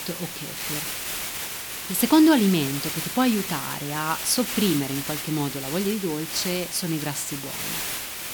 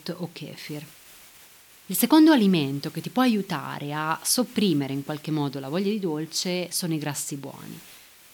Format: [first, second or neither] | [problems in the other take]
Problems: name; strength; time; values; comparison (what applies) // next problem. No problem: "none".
second | hiss; loud; throughout; 5 dB below the speech; faint in the second